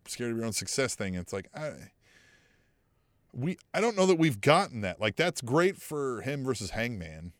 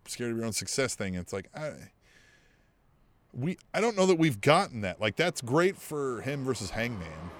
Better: first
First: none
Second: train or aircraft noise; faint; throughout; 25 dB below the speech

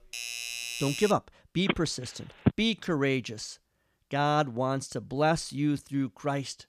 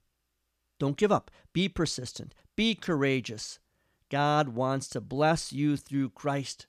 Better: second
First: doorbell; noticeable; until 1 s; peak 4 dB below the speech // phone ringing; noticeable; at 1.5 s; peak level with the speech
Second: none

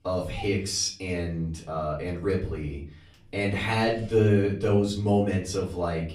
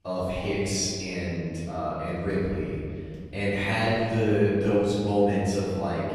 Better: first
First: room echo; slight; dies away in 0.4 s // off-mic speech; far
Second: room echo; strong; dies away in 2.3 s // off-mic speech; far

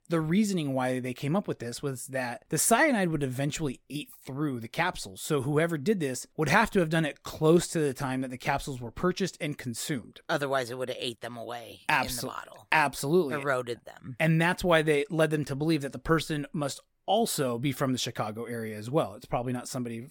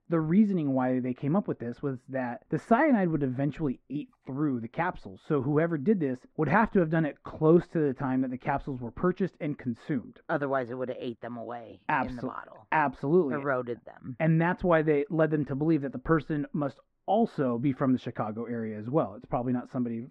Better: first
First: none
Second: muffled; very; fading above 1.5 kHz

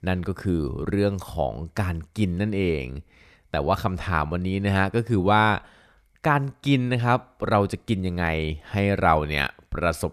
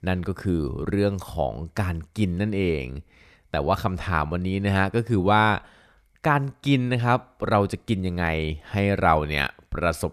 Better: neither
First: none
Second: none

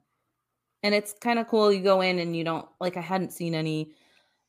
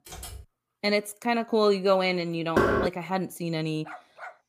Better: first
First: none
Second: keyboard typing; faint; at the start; peak 15 dB below the speech // door banging; loud; at 2.5 s; peak 3 dB above the speech // dog barking; faint; at 4 s; peak 15 dB below the speech

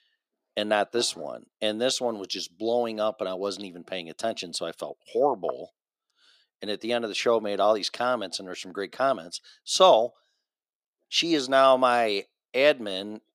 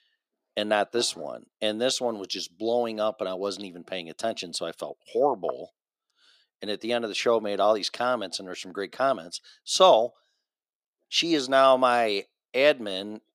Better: neither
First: thin; very; fading below 350 Hz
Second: thin; very; fading below 350 Hz

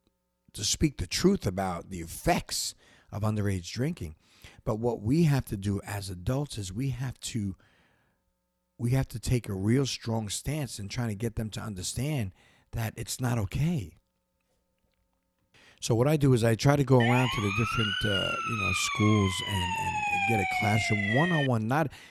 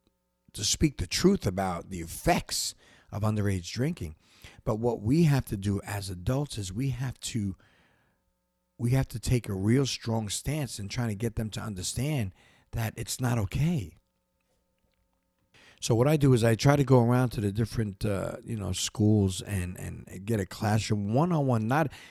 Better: second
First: siren; loud; from 17 to 21 s; peak 3 dB above the speech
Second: none

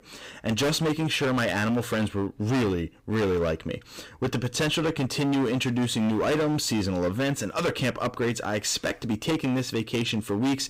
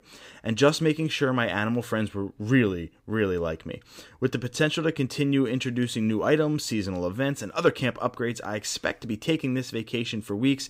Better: second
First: distortion; heavy; 20% of the sound clipped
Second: none

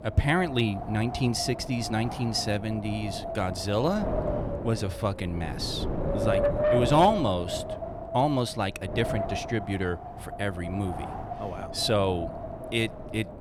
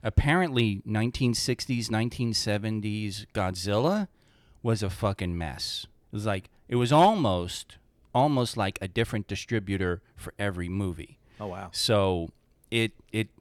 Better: second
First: wind noise on the microphone; heavy; 4 dB below the speech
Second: none

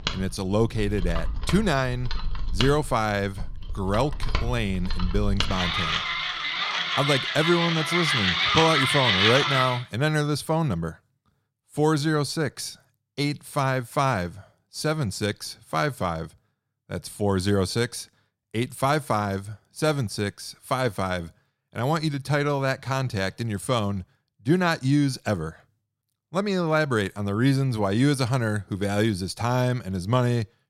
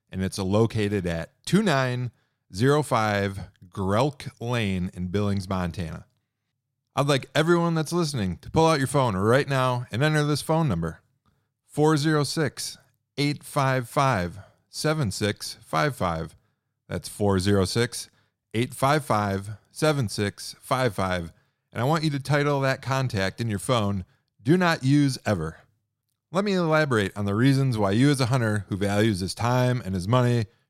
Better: second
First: machinery noise; very loud; until 9.5 s; as loud as the speech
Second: none

